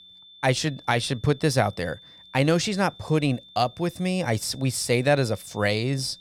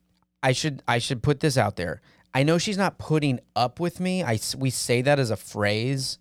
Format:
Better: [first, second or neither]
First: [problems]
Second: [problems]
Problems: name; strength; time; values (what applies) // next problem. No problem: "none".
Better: second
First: high-pitched whine; faint; throughout; 3.5 kHz, 20 dB below the speech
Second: none